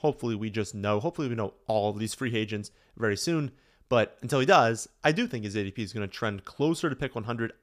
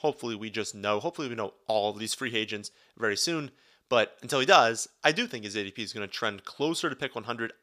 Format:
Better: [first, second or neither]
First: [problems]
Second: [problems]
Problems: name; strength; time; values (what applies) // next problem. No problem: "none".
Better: first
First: none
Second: thin; very slightly; fading below 1 kHz